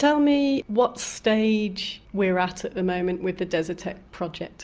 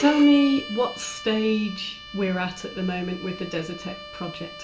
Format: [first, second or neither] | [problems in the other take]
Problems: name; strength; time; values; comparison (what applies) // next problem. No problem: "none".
first | background sound (Bowed string instrument); 13 dB below the speech // room echo; dies away in 0.2 s